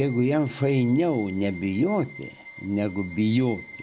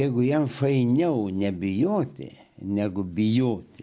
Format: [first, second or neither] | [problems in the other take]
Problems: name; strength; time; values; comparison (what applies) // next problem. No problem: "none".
second | background sound (Bowed string instrument); 18 dB below the speech